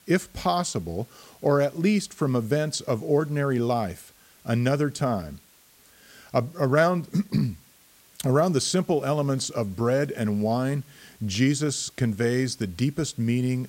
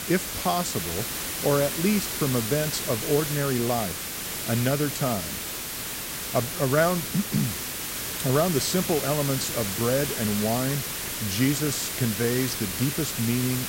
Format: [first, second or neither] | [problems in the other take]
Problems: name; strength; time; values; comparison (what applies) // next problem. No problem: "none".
first | hiss; loud; throughout; 2 dB below the speech; faint in the first